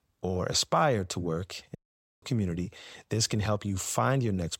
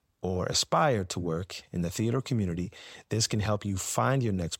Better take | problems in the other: second | audio cutting out; at 2 s

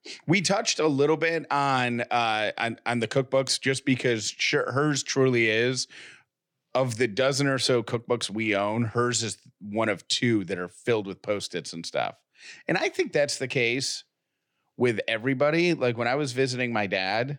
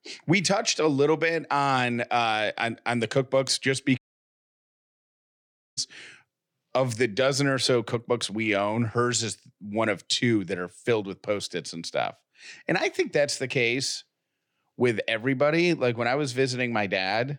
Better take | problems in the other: first | audio cutting out; at 4 s for 2 s

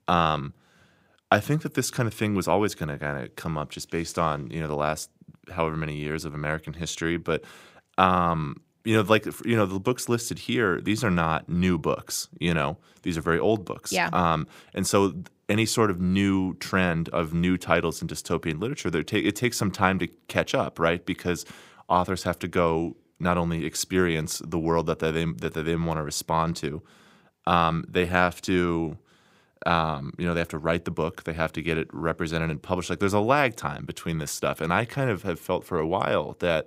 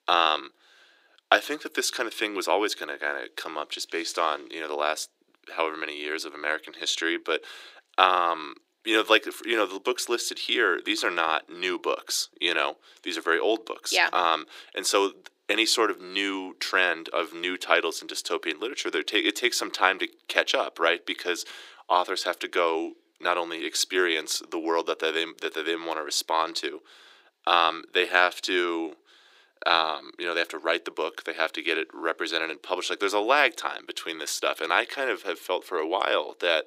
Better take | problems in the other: first | thin; very; fading below 350 Hz

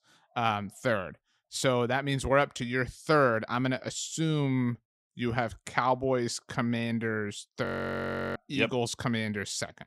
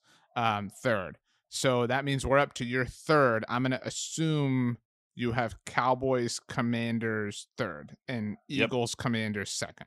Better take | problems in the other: second | audio freezing; at 7.5 s for 0.5 s

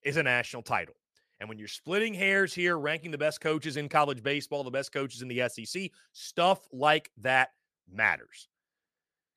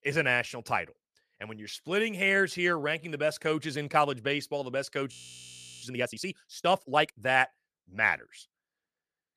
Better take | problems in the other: first | audio freezing; at 5 s for 0.5 s

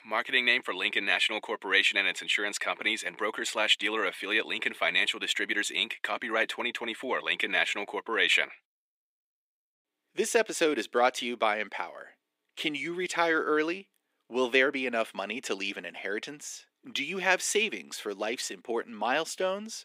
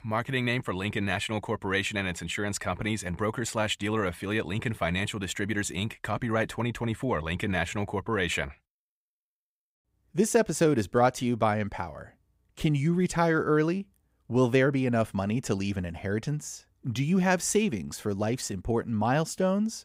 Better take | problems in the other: second | thin; somewhat; fading below 300 Hz

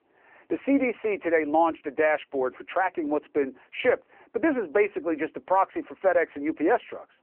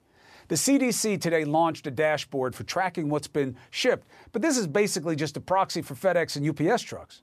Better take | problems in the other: second | phone-call audio; poor line

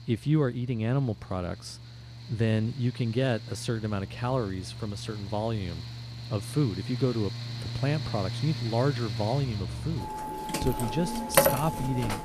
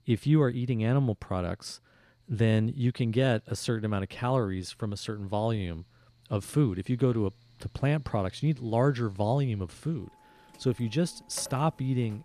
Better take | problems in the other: second | machinery noise; loud; throughout; 3 dB below the speech; faint in the second

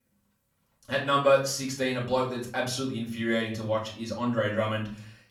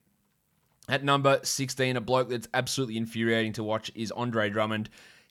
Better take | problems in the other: second | off-mic speech; far // room echo; slight; dies away in 0.4 s

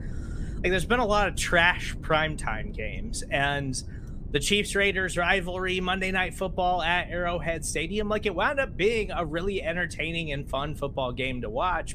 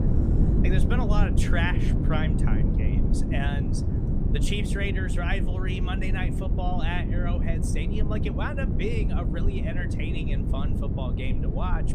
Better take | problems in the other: first | low rumble; loud; throughout; 3 dB below the speech; faint in the first

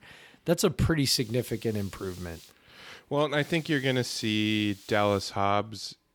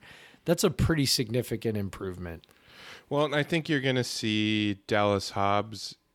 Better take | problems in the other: second | hiss; faint; from 1 to 2.5 s and from 3.5 to 5 s; 20 dB below the speech

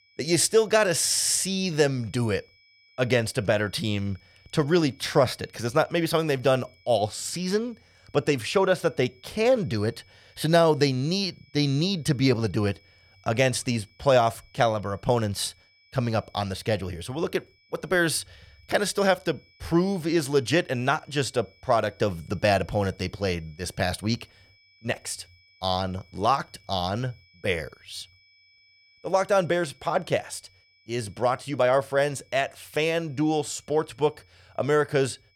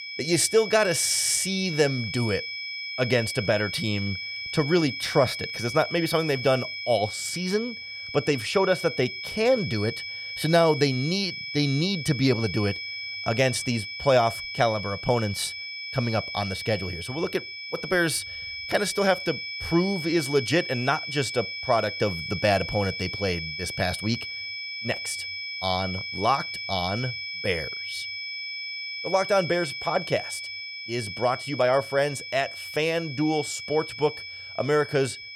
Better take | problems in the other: first | high-pitched whine; loud; throughout; 2.5 kHz, 6 dB below the speech; faint in the first

